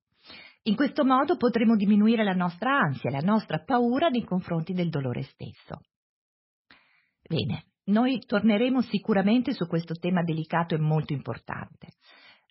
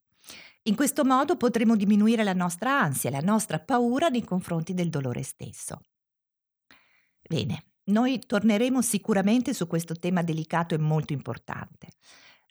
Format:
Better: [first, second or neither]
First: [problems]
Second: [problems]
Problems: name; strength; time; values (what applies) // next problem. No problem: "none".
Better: second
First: garbled, watery; badly; nothing above 5.5 kHz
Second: none